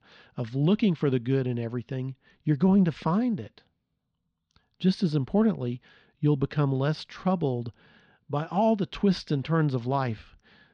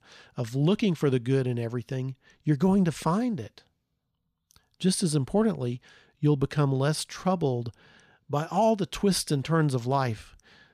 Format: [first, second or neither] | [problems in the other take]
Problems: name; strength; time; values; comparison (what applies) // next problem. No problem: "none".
second | muffled; very slightly; fading above 4.5 kHz